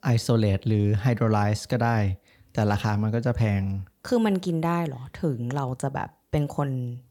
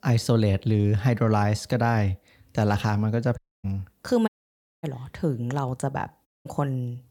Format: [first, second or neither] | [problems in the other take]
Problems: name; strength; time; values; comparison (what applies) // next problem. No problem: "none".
first | audio cutting out; at 3.5 s, at 4.5 s for 0.5 s and at 6.5 s